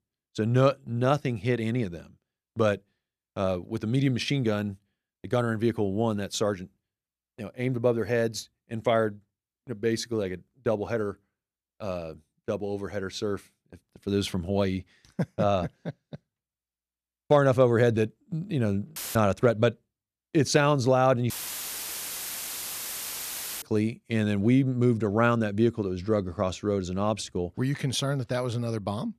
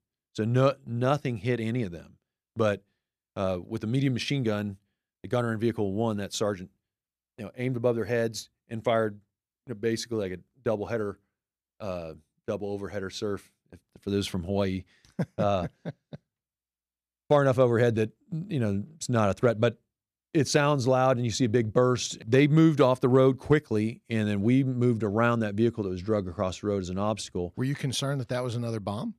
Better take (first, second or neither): second